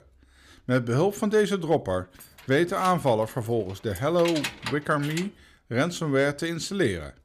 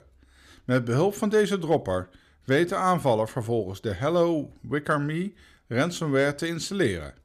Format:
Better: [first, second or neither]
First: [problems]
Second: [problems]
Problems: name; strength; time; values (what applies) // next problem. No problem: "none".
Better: second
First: jangling keys; noticeable; from 2 to 5 s; peak 5 dB below the speech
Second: none